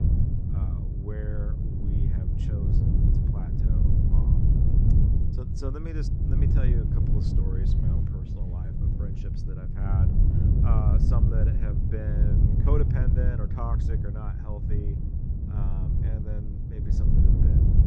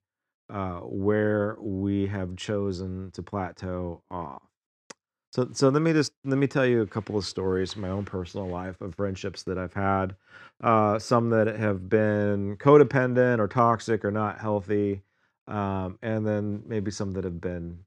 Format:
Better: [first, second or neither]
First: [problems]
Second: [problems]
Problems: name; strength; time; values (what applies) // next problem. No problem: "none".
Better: second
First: wind noise on the microphone; heavy; 3 dB above the speech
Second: none